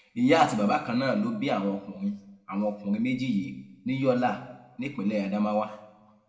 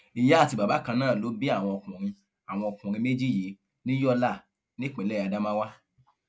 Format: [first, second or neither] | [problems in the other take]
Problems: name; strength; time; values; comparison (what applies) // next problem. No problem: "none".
second | room echo; dies away in 0.7 s